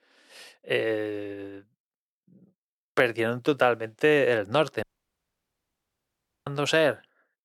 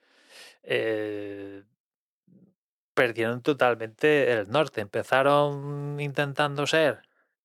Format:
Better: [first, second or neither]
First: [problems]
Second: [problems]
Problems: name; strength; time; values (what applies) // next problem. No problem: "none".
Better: second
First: audio cutting out; at 5 s for 1.5 s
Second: none